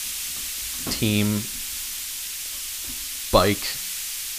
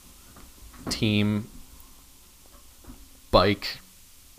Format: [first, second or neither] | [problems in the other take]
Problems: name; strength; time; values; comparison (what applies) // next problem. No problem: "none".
second | hiss; loud; throughout; 5 dB below the speech; faint in the second